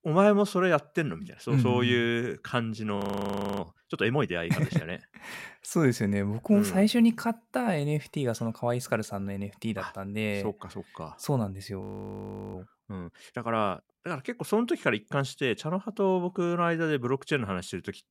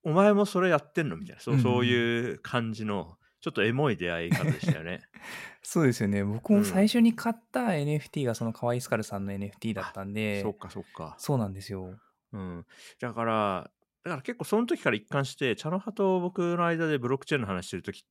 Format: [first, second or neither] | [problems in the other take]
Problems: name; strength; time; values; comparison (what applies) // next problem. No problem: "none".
second | audio freezing; at 3 s for 0.5 s and at 12 s for 0.5 s